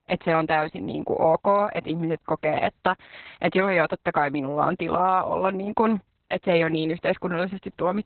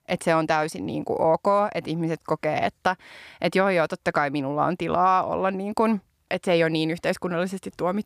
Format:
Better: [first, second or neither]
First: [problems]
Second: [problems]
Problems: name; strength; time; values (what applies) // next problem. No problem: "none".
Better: second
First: garbled, watery; badly; nothing above 4 kHz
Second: none